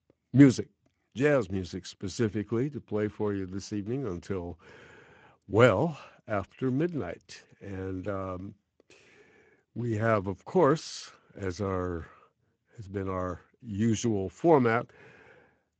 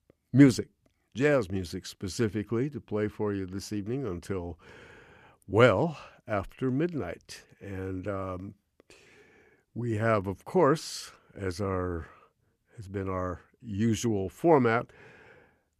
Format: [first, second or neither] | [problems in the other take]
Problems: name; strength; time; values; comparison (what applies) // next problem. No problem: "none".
second | garbled, watery; slightly; nothing above 7.5 kHz